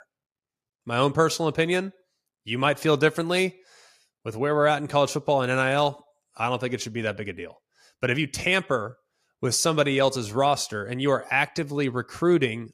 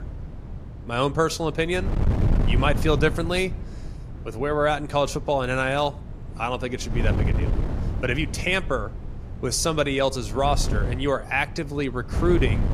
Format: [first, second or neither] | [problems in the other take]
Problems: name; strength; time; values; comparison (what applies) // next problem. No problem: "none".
first | wind noise on the microphone; occasional gusts; 15 dB below the speech